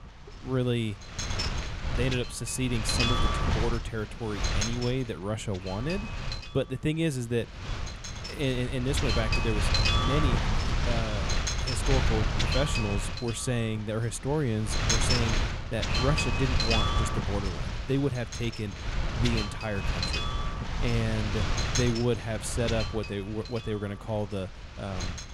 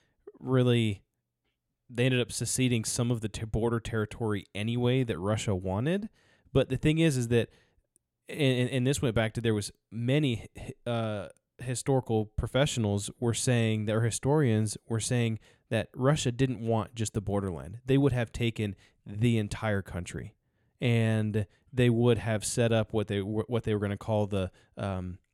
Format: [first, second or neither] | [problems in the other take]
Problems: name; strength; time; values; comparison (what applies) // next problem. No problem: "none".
second | wind noise on the microphone; heavy; 2 dB above the speech